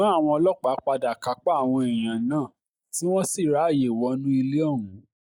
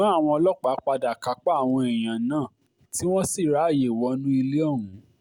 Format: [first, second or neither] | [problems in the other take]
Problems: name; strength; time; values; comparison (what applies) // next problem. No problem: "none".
second | noise reduction (neural mask model Resemble Enhance denoiser)